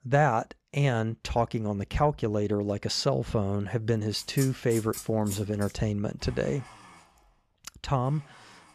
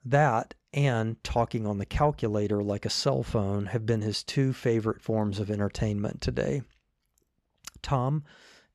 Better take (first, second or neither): second